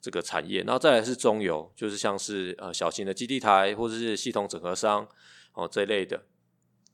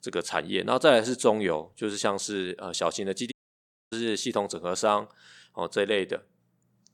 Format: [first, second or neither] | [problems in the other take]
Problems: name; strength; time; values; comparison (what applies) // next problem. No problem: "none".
first | audio cutting out; at 3.5 s for 0.5 s